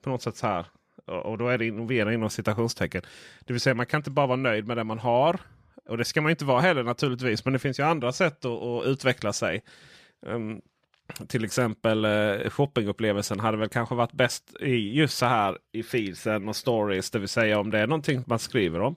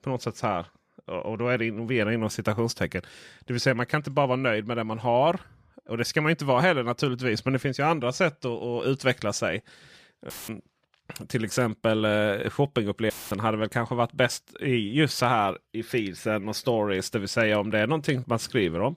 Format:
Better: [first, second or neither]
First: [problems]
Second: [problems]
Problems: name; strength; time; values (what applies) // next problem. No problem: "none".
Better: first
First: none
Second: audio cutting out; filled with static; at 10 s and at 13 s